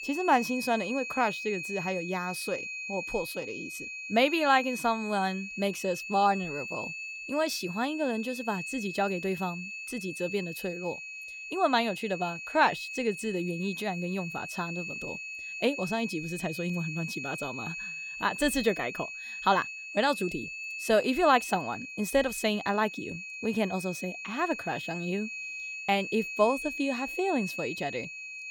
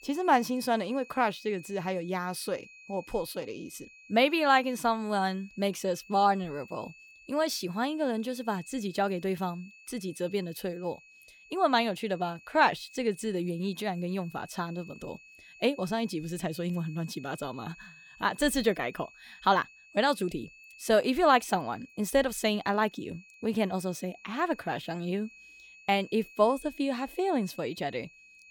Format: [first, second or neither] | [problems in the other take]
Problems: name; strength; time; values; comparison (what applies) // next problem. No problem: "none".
second | high-pitched whine; loud; throughout; 2.5 kHz, 7 dB below the speech; faint in the second